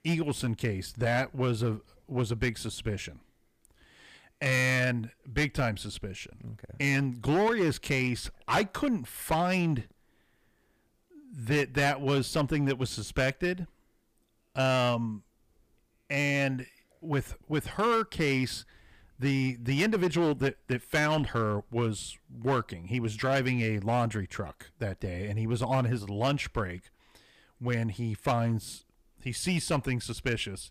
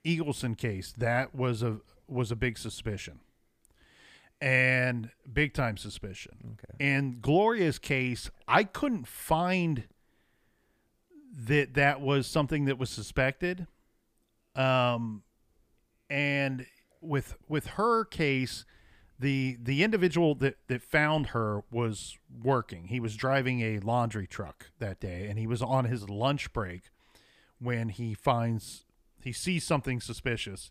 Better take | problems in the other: second | distortion; slight; 6% of the sound clipped

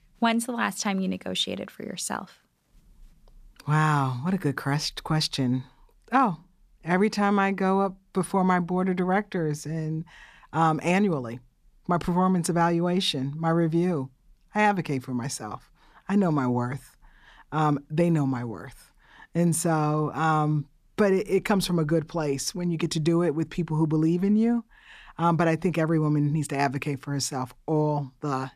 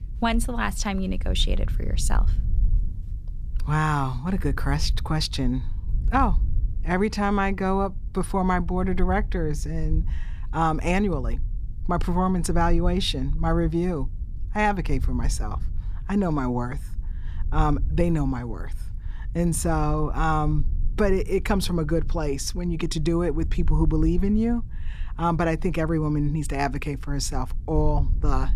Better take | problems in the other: first | low rumble; faint; throughout; 25 dB below the speech

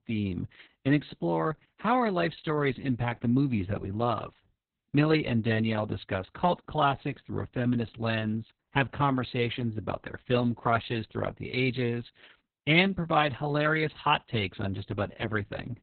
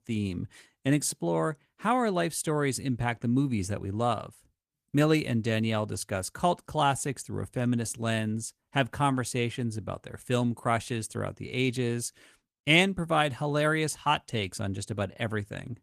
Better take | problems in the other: second | garbled, watery; badly; nothing above 4 kHz; slightly in the second

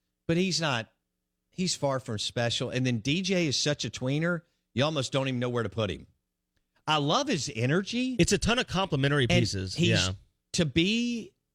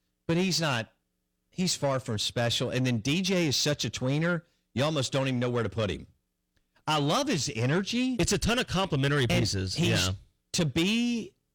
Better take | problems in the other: first | distortion; slight; 10 dB below the speech

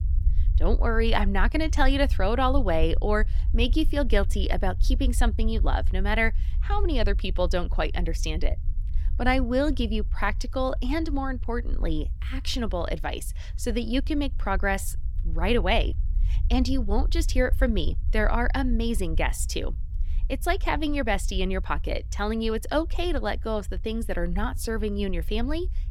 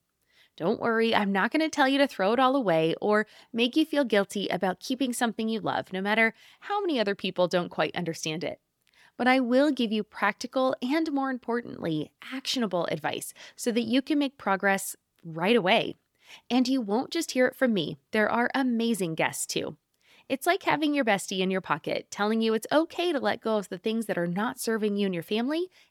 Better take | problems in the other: second | low rumble; faint; throughout; 25 dB below the speech

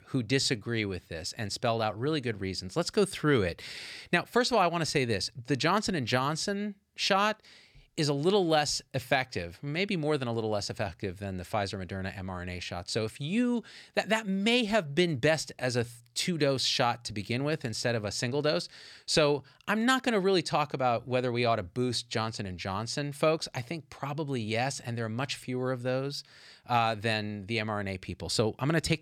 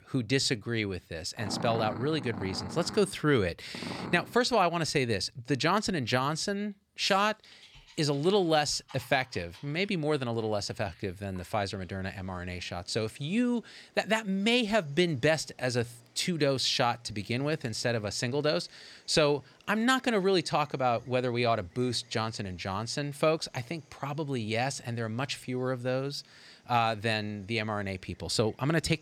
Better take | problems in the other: first | animal sounds; noticeable; throughout; 15 dB below the speech

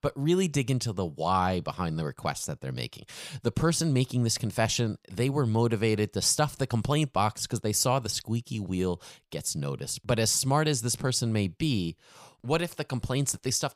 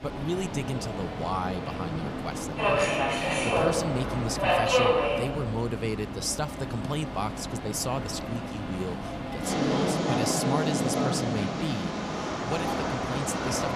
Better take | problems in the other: first | train or aircraft noise; very loud; throughout; 4 dB above the speech

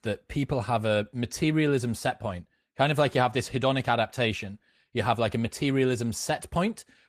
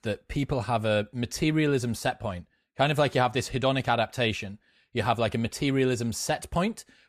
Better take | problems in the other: second | garbled, watery; slightly; nothing above 14.5 kHz

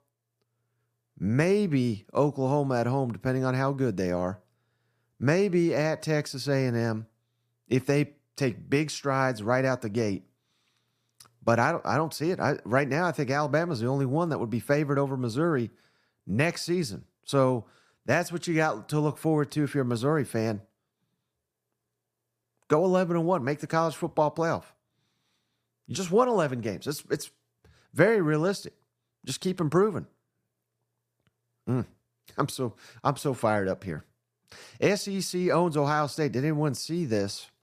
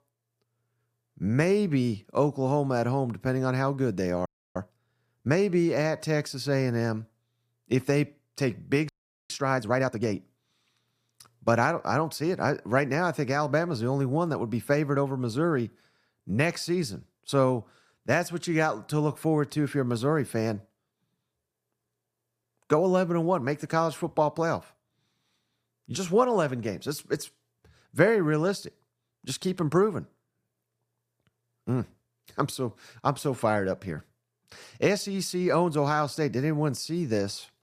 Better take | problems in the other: first | audio freezing; at 4.5 s and at 9 s

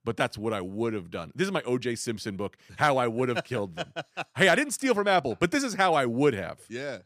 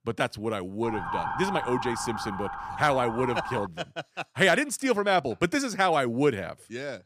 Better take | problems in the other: first | siren; noticeable; from 1 to 3.5 s; peak 3 dB below the speech

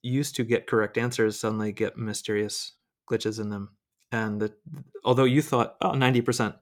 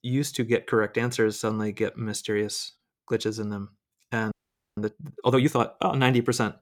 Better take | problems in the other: first | audio freezing; at 4.5 s

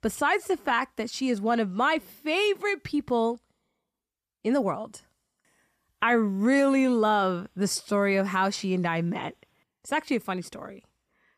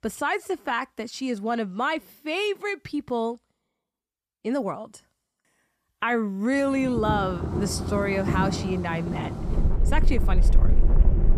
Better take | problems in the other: first | rain or running water; very loud; from 7 s on; 1 dB above the speech

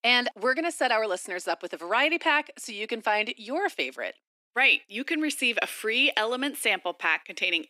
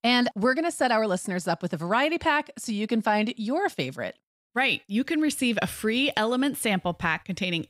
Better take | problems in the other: second | thin; somewhat; fading below 300 Hz

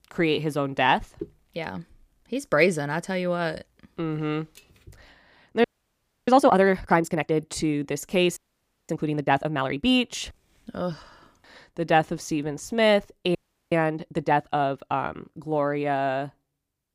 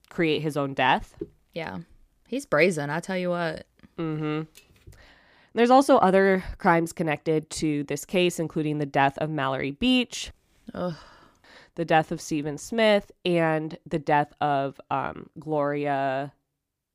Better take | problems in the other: second | audio freezing; at 5.5 s for 0.5 s, at 8.5 s for 0.5 s and at 13 s

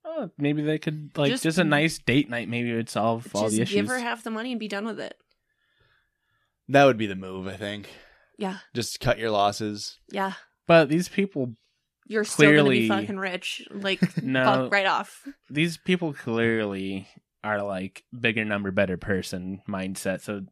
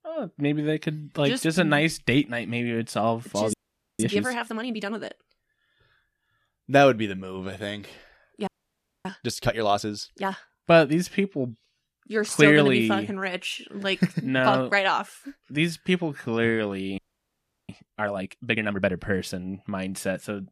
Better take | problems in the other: first | audio freezing; at 3.5 s, at 8.5 s for 0.5 s and at 17 s for 0.5 s

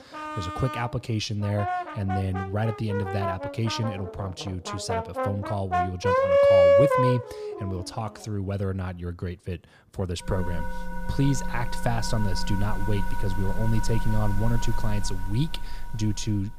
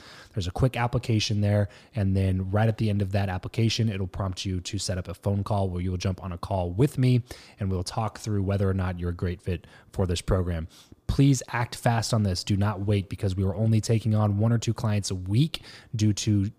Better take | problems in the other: second | background music; very loud; throughout; 2 dB above the speech

